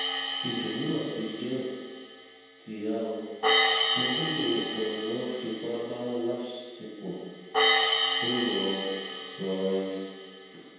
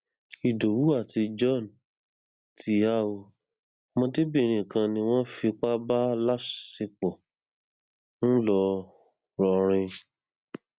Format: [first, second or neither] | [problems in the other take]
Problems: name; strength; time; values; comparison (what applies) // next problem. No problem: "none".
second | background sound (Hi-hat); 2 dB above the speech // room echo; dies away in 1.2 s